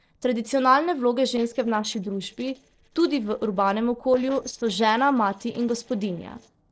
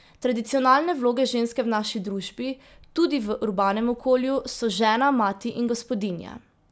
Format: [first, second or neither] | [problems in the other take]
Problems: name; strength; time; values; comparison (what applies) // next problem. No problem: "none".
second | noise reduction (neural separator model SepFormer DNS4)